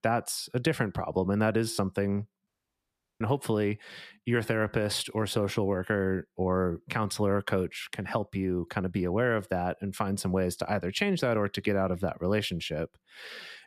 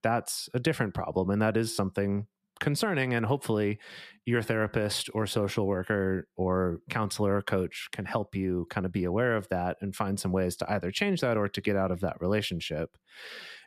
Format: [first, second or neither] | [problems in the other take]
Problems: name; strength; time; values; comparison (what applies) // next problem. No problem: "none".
second | audio cutting out; at 2.5 s for 0.5 s